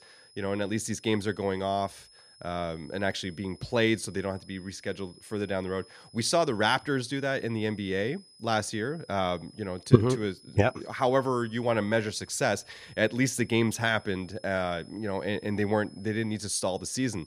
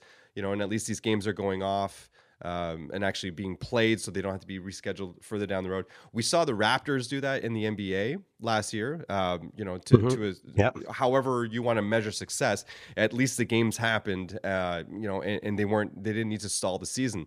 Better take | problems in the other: second | high-pitched whine; faint; throughout; 5 kHz, 25 dB below the speech

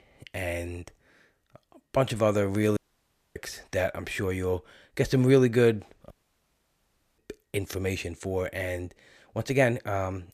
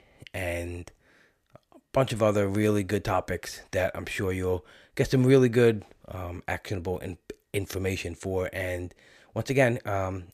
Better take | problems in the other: second | audio cutting out; at 3 s for 0.5 s and at 6 s for 1 s

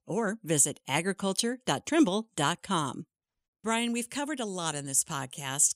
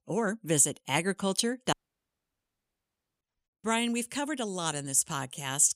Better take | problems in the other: first | audio cutting out; at 1.5 s for 1.5 s

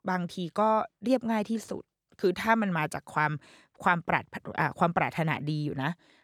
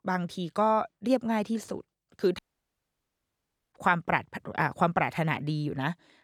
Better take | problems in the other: first | audio cutting out; at 2.5 s for 1.5 s

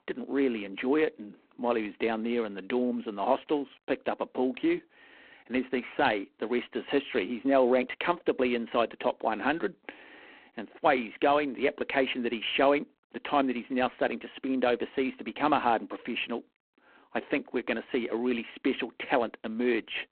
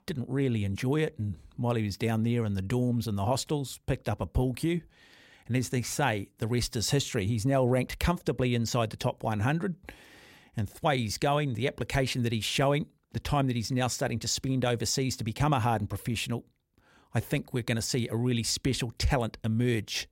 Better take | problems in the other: second | phone-call audio; poor line

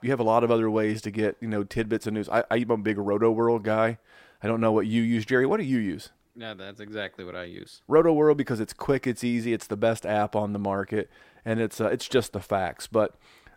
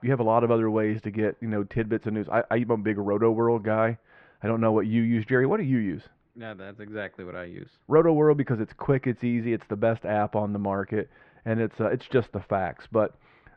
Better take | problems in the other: first | muffled; very; fading above 2.5 kHz

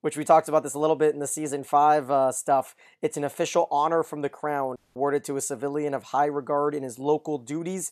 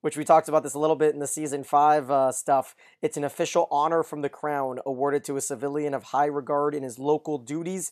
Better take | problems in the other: second | audio cutting out; at 5 s

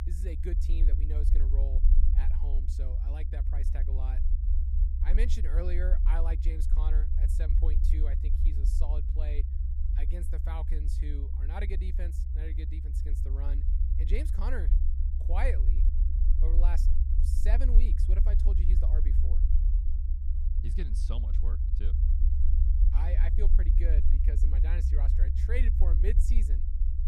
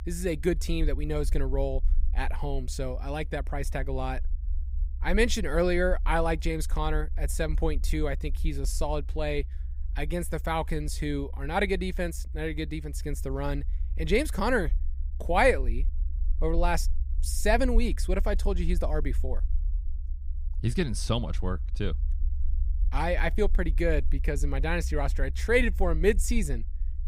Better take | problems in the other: second | low rumble; loud; throughout; 4 dB below the speech; faint in the second

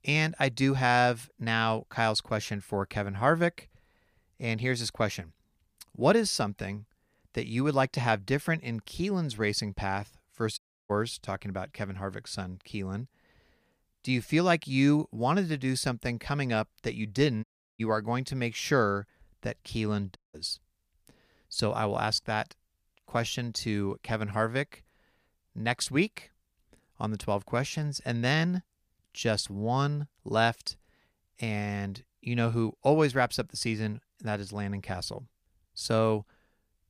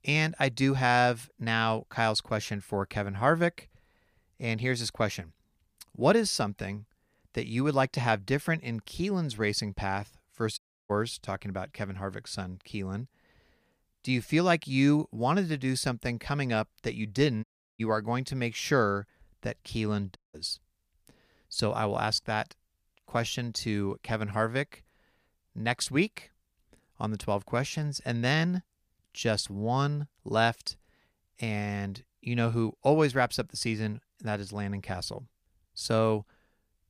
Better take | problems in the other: neither | audio cutting out; at 11 s, at 17 s and at 20 s; the same in both

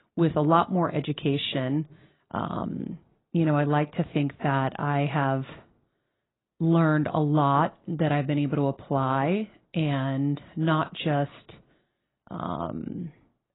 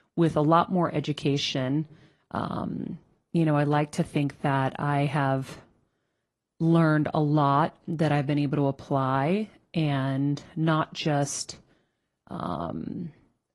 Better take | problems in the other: second | garbled, watery; badly; nothing above 4 kHz; slightly in the second

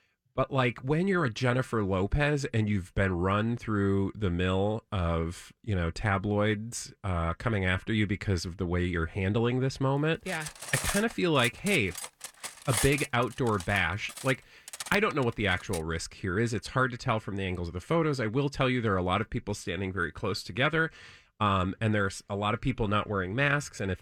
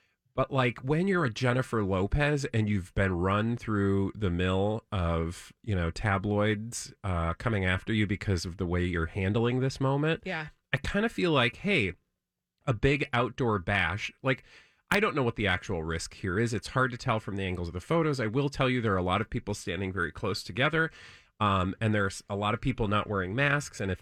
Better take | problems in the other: second | clattering dishes; noticeable; from 10 to 16 s; peak 1 dB below the speech

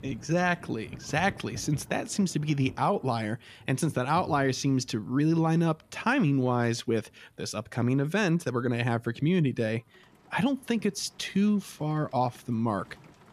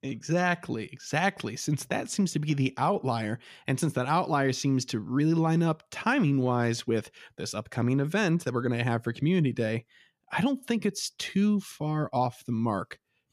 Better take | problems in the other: second | rain or running water; faint; throughout; 20 dB below the speech

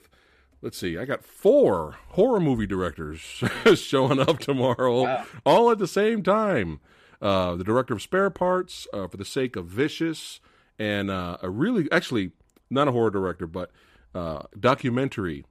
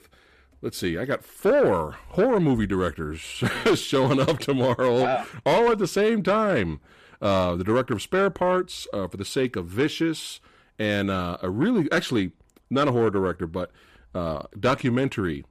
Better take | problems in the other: first | distortion; slight; 10 dB below the speech

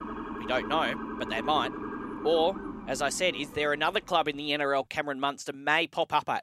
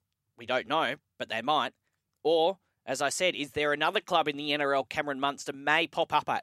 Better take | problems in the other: second | siren; noticeable; until 4 s; peak 7 dB below the speech

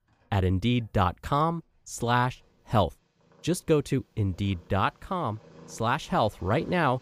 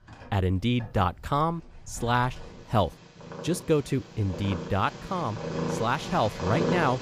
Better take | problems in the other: first | animal sounds; loud; throughout; 7 dB below the speech; faint in the first

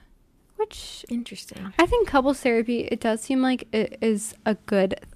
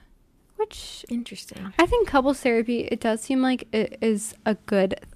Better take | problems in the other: neither | none

